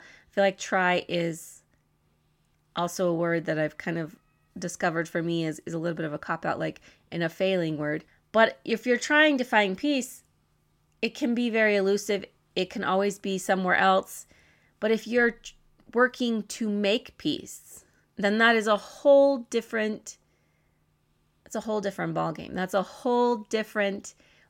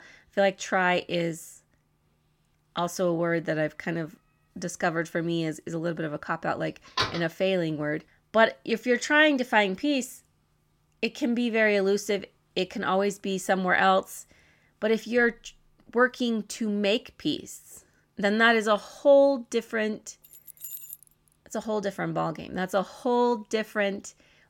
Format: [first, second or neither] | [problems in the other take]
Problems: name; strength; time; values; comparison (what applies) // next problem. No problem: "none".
first | door banging; noticeable; at 7 s; peak 3 dB below the speech // jangling keys; faint; at 20 s; peak 10 dB below the speech